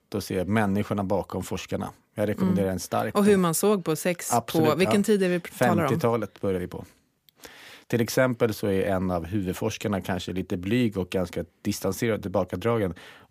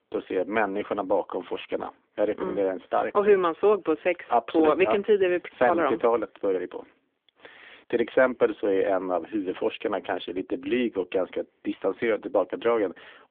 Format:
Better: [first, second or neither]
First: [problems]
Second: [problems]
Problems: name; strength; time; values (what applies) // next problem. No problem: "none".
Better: first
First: none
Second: phone-call audio; nothing above 3.5 kHz